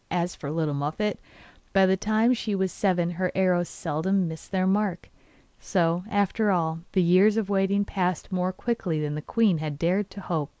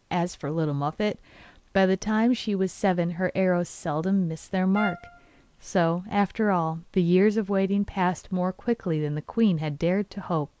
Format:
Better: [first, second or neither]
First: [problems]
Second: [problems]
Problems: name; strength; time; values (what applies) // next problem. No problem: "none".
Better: first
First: none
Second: background sound (Trumpet); 12 dB below the speech